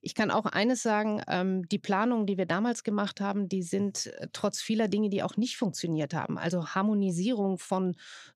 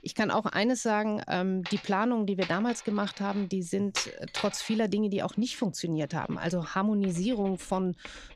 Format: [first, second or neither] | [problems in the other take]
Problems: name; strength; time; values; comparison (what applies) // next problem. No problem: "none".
first | household noises; noticeable; throughout; 10 dB below the speech